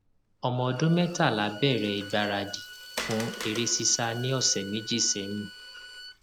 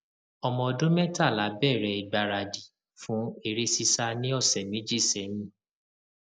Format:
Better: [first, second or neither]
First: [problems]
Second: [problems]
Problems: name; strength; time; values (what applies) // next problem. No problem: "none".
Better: second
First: background sound (Water + Bowed string instrument); 13 dB below the speech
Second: none